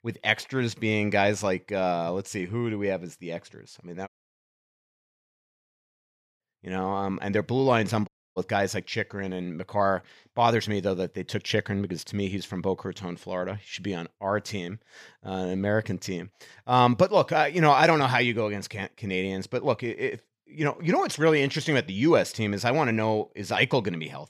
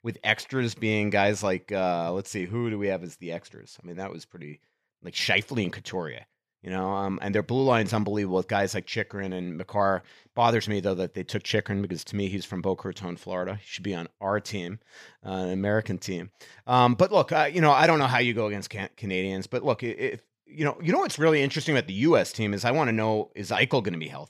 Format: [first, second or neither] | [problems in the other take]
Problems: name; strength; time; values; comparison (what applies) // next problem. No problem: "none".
second | audio cutting out; at 4 s for 2.5 s and at 8 s